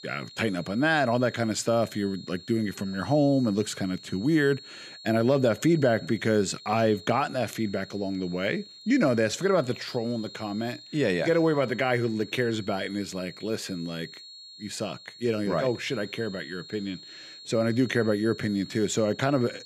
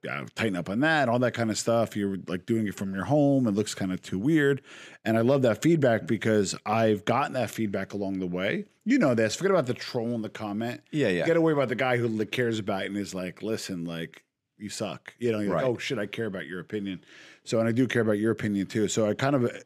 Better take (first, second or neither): second